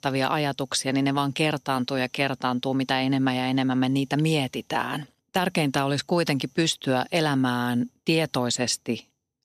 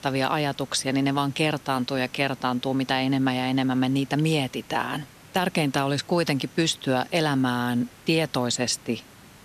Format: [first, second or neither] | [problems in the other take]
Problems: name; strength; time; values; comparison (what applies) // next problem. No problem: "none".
first | hiss; faint; throughout; 25 dB below the speech